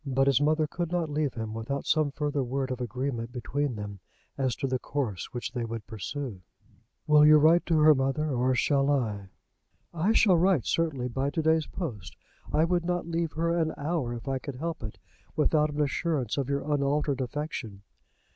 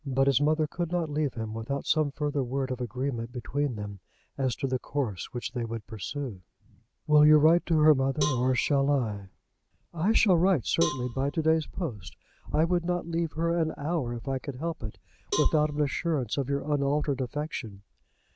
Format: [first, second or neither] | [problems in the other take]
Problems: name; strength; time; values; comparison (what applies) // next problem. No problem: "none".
first | background sound (Cowbell); 13 dB below the speech